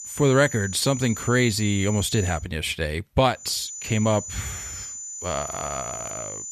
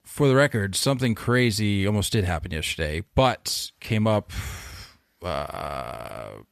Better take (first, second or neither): second